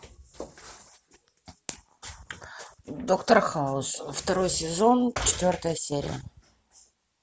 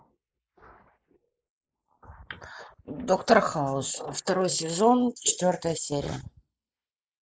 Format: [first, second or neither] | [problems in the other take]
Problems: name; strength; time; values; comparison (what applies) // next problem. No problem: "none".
first | noise reduction (neural mask model Resemble Enhance denoiser)